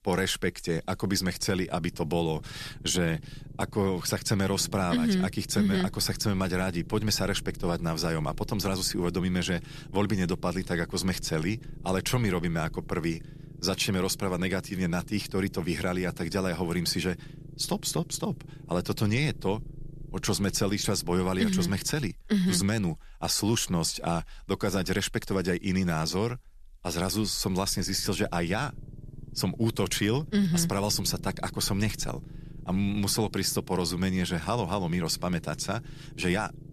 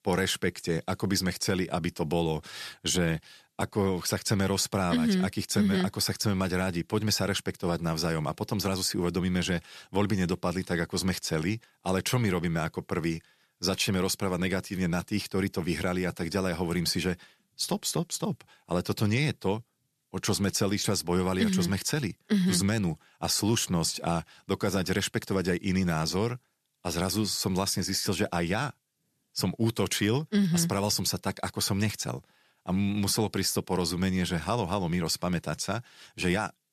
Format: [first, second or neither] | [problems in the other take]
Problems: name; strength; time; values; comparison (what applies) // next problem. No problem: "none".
second | low rumble; faint; throughout; 25 dB below the speech